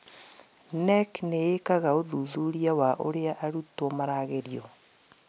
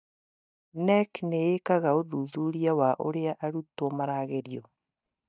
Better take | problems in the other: first | noise reduction (neural mask model DeepFilterNet 3)

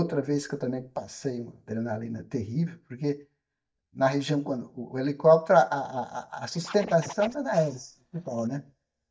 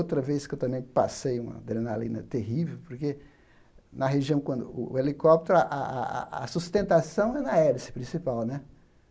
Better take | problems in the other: second | noise reduction (neural mask model DeepFilterNet 3)

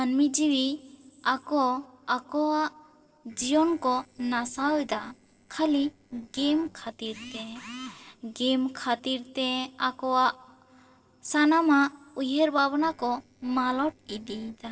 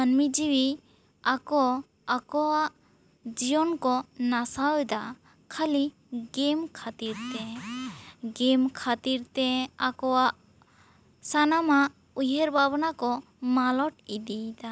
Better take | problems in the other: second | noise reduction (neural separator model SepFormer DNS4)

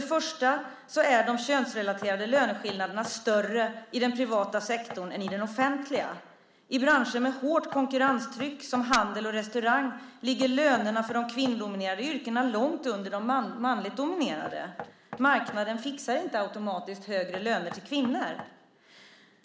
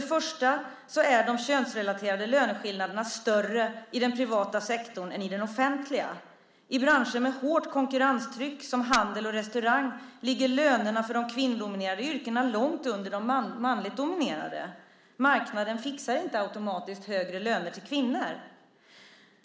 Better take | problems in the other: second | background sound (Knock); 20 dB below the speech

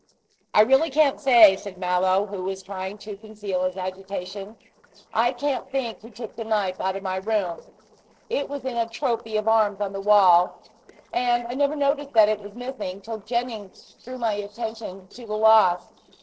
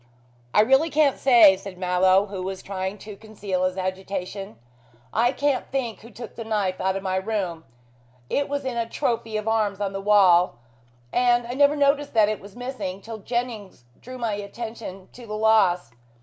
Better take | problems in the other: second | noise reduction (neural separator model SepFormer DNS4)

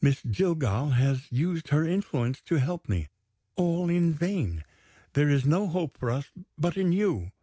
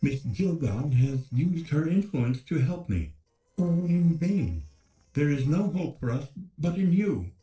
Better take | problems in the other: first | noise reduction (neural separator model SepFormer DNS4)

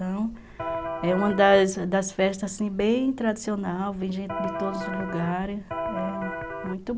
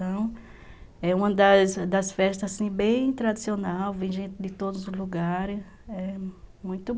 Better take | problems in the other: second | background sound (Electric guitar); 6 dB below the speech

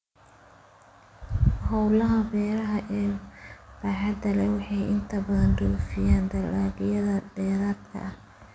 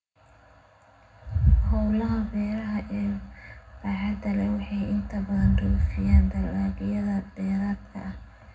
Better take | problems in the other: first | room echo; dies away in 0.3 s

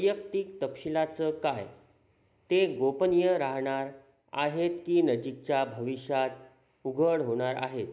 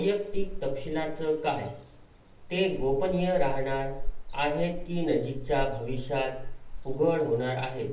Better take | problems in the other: first | background sound (Ocean); 4 dB below the speech // room echo; dies away in 0.4 s

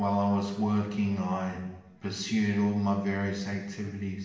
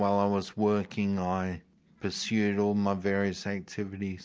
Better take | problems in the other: second | room echo; dies away in 1 s

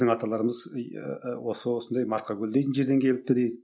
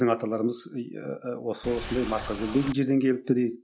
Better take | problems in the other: first | background sound (Boat, Water vehicle); 10 dB below the speech

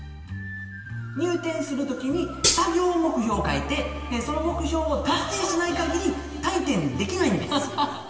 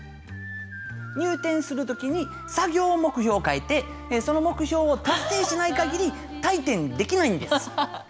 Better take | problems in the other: second | background sound (Hi-hat); 1 dB above the speech // room echo; dies away in 2.3 s

